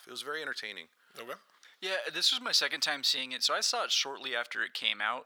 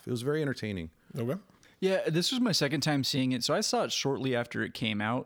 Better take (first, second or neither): second